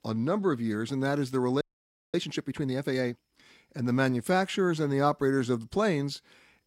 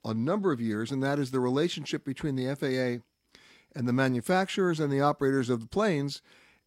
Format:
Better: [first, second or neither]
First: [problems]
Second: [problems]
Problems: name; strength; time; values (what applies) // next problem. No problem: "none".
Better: second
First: audio freezing; at 1.5 s for 0.5 s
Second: none